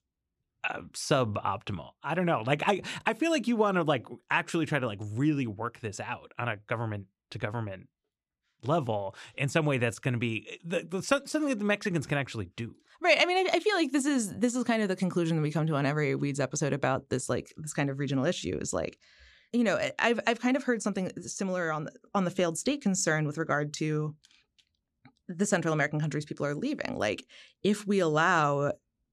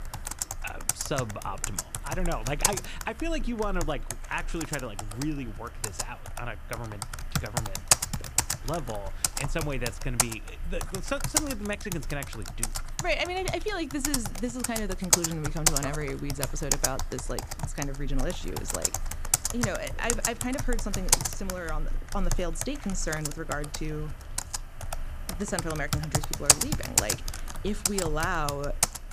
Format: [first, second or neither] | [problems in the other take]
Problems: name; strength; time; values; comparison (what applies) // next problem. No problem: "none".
first | household noises; very loud; throughout; 4 dB above the speech